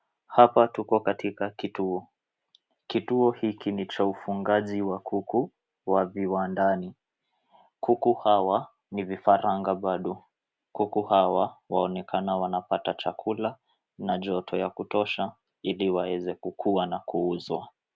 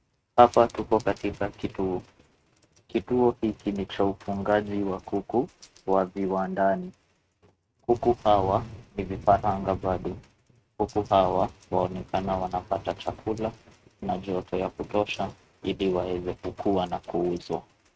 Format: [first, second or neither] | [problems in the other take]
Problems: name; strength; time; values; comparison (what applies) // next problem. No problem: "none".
first | noise reduction (neural mask model RNNoise)